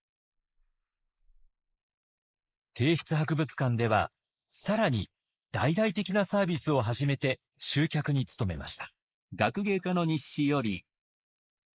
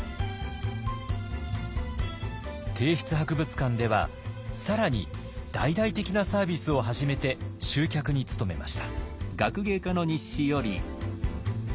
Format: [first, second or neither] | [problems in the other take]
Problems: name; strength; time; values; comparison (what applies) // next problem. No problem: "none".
second | noise reduction (neural mask model Resemble Enhance denoiser)